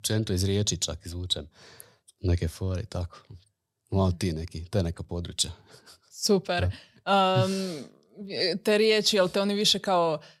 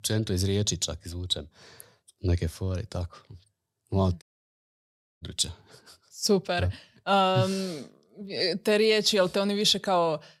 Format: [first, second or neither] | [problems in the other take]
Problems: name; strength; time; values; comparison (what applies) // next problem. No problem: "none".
first | audio cutting out; at 4 s for 1 s